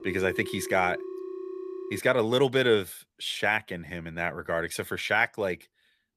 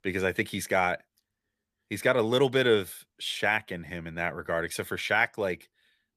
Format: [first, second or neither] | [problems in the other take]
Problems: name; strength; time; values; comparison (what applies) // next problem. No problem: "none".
second | phone ringing; faint; until 2 s; peak 10 dB below the speech